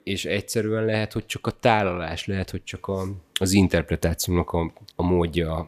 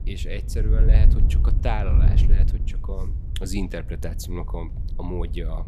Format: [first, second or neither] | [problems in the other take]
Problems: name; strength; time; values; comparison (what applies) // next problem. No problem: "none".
first | wind noise on the microphone; heavy; 6 dB below the speech